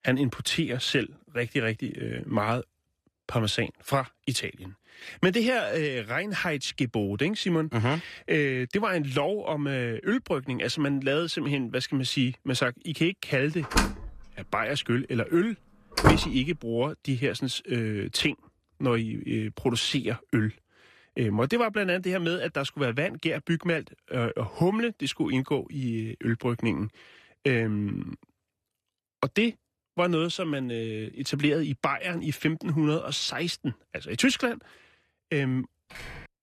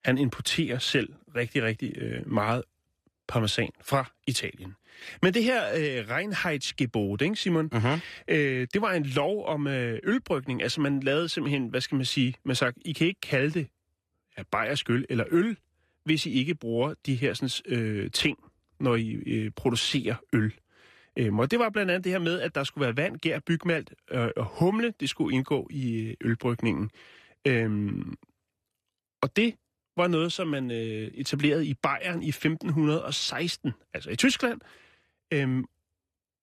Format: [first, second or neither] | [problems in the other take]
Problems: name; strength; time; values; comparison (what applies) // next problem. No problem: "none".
second | door banging; loud; from 14 to 16 s; peak 5 dB above the speech // door banging; faint; at 36 s; peak 15 dB below the speech